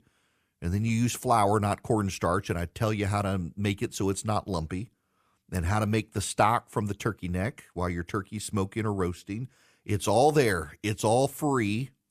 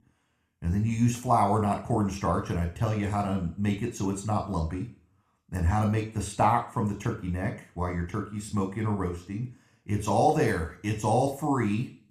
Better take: first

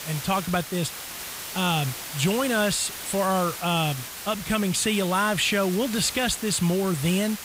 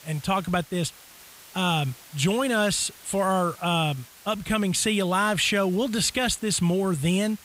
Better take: second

